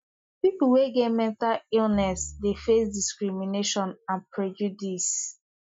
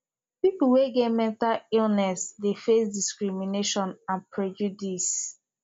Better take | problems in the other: second | noise reduction (classical method Wiener filter)

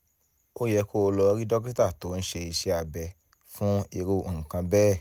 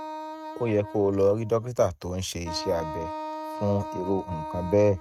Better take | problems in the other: first | noise reduction (neural mask model RNNoise)

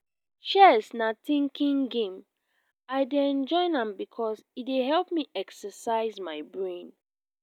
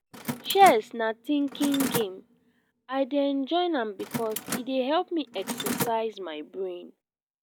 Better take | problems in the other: first | background sound (Mechanisms); 9 dB below the speech

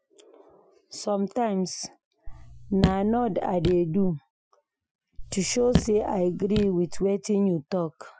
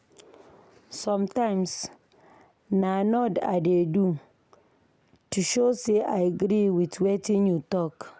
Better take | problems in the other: second | noise reduction (classical method Wiener filter)

